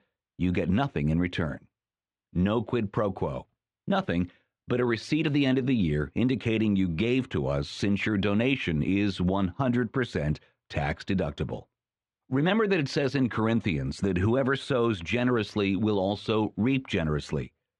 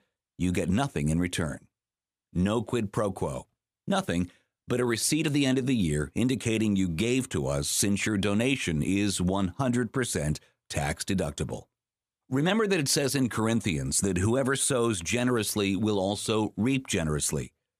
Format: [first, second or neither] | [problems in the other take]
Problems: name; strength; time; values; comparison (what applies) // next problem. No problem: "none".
second | muffled; slightly; fading above 3.5 kHz